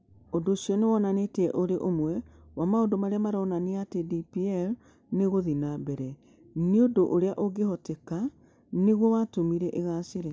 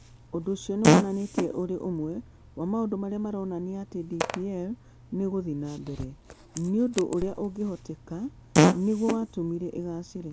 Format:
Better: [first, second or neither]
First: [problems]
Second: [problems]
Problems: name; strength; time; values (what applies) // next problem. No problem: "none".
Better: first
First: none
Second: background sound (Fart); as loud as the speech